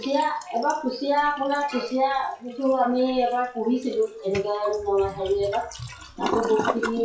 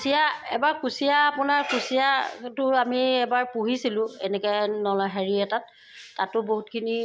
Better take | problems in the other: second | noise reduction (classical method WPE with log-MMSE)

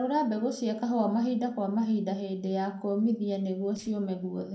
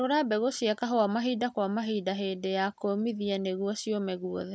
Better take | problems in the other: second | noise reduction (neural separator model SepFormer DNS4)

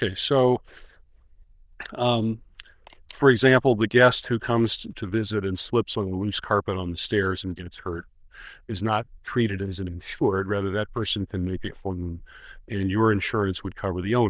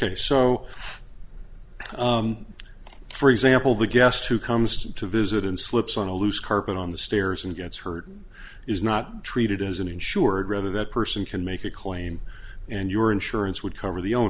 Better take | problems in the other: second | noise reduction (neural diffusion model UNIVERSE++)

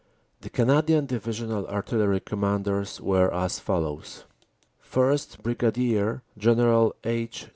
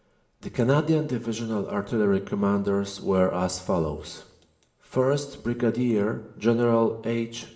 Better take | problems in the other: first | room echo; dies away in 0.8 s

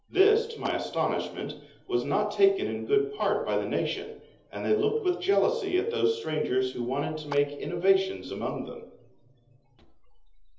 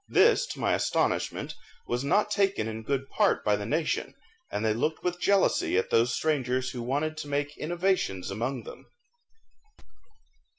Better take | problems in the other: second | background sound (Clapping); 19 dB below the speech // room echo; dies away in 1.2 s

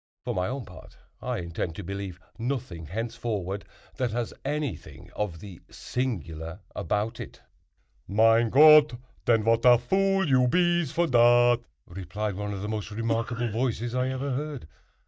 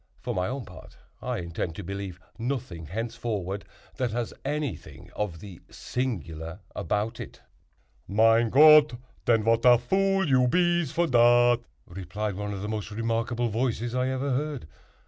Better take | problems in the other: second | noise reduction (neural mask model DeepFilterNet 3)

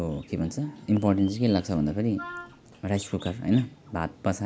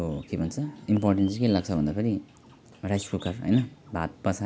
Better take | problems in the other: second | background sound (Wind instrument, woodwind instrument); 14 dB below the speech

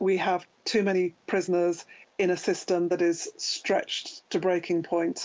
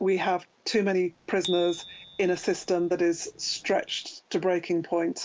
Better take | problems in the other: first | background sound (Bicycle bell); 17 dB below the speech

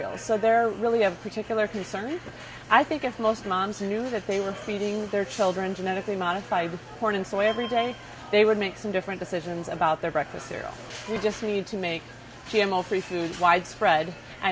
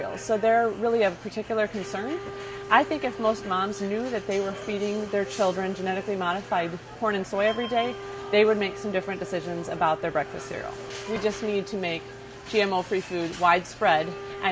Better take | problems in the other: first | background sound (Wind instrument, woodwind instrument); 15 dB below the speech

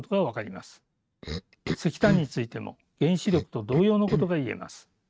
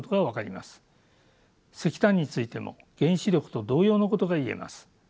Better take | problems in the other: second | noise reduction (neural mask model RNNoise)

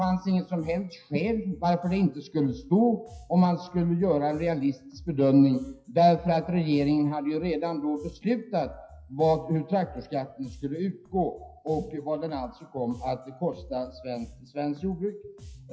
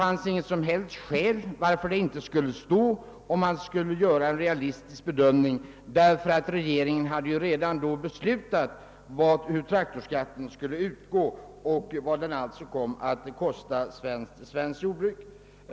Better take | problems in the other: second | noise reduction (classical method WPE with log-MMSE)

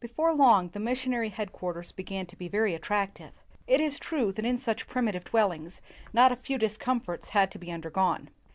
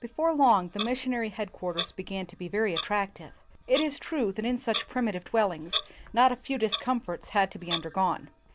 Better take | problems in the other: first | background sound (Clock); 11 dB below the speech

